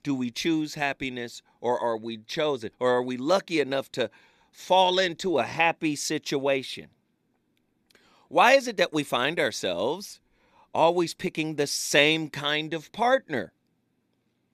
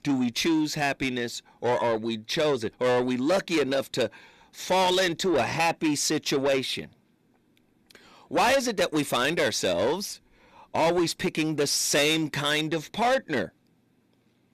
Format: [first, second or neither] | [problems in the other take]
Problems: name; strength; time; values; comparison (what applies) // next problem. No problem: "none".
first | distortion; heavy; 7 dB below the speech